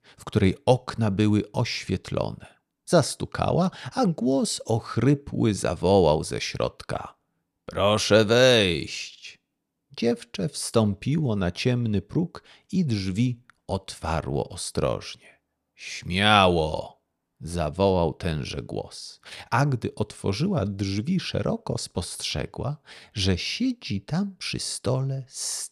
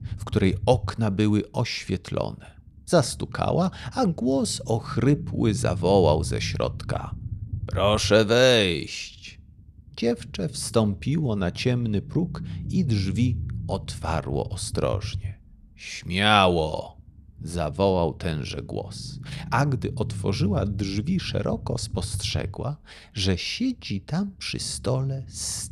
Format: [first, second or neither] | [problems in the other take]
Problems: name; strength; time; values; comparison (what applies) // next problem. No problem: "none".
first | low rumble; faint; throughout; 20 dB below the speech